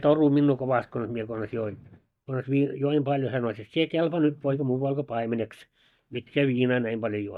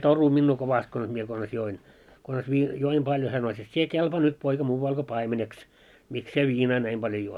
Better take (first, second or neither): second